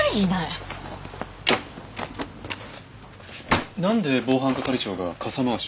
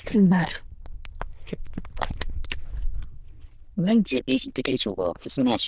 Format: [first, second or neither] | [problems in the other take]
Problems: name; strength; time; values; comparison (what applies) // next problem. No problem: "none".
first | noise reduction (neural diffusion model UNIVERSE++)